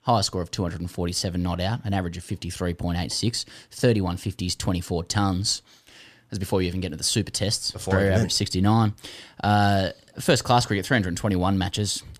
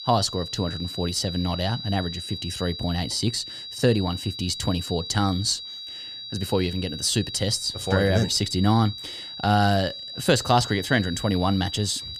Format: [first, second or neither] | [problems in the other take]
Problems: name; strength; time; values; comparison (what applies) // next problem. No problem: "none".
first | high-pitched whine; loud; throughout; 4 kHz, 9 dB below the speech